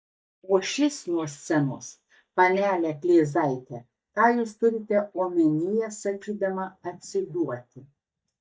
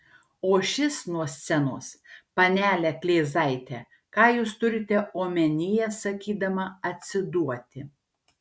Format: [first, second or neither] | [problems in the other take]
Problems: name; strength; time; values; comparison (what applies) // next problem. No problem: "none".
second | noise reduction (neural mask model DeepFilterNet 3)